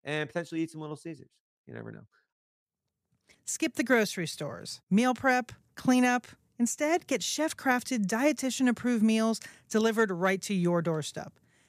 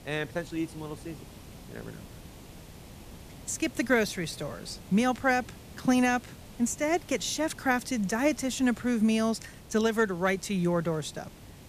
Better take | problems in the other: first | hiss; noticeable; throughout; 20 dB below the speech

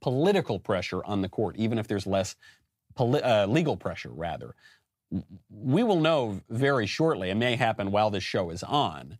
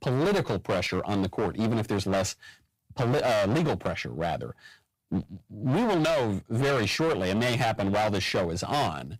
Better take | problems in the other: first | distortion; heavy; 22% of the sound clipped

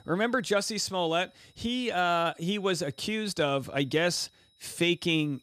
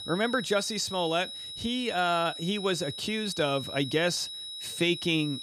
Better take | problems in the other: first | high-pitched whine; loud; throughout; 4 kHz, 8 dB below the speech; faint in the first

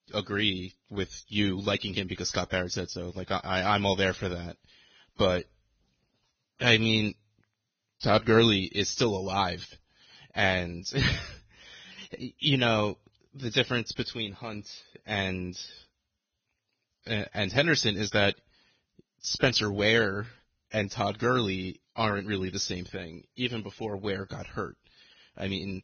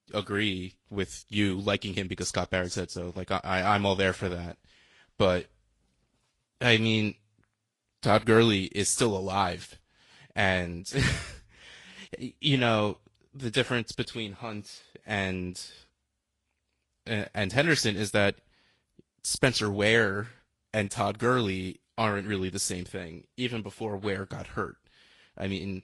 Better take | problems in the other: second | garbled, watery; badly; nothing above 6.5 kHz; slightly in the second

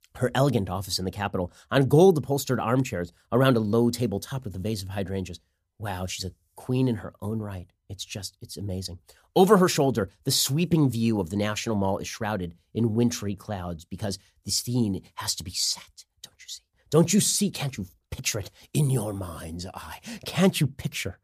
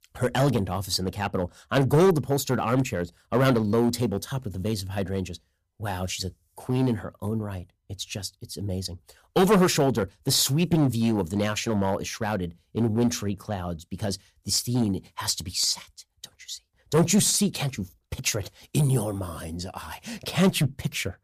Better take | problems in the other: first | distortion; slight; 3% of the sound clipped

